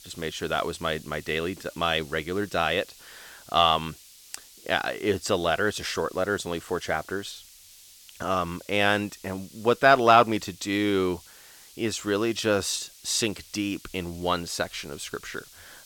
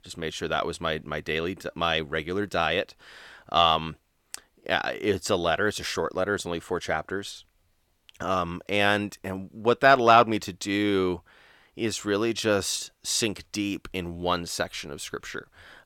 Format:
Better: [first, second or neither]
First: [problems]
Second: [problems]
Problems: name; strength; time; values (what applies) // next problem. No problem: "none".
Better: second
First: hiss; faint; throughout; 20 dB below the speech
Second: none